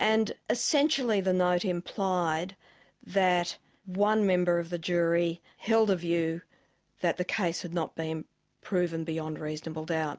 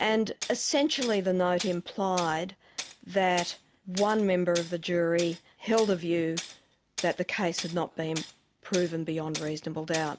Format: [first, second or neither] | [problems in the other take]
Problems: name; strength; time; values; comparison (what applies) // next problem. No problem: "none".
first | background sound (Tools); 14 dB below the speech